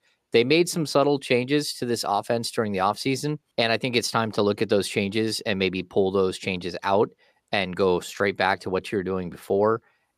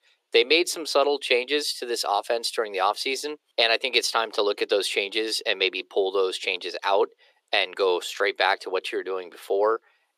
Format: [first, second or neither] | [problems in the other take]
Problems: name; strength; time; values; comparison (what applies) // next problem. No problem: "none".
first | thin; very; fading below 350 Hz